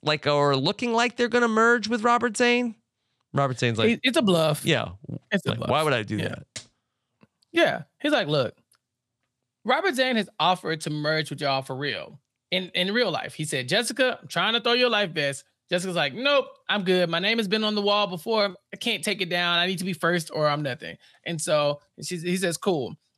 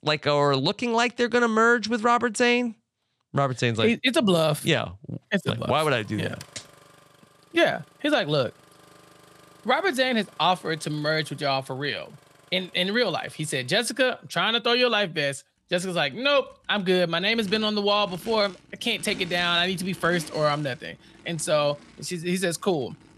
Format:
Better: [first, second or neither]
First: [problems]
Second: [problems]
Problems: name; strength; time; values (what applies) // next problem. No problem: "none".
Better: first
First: none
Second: traffic noise; faint; throughout; 25 dB below the speech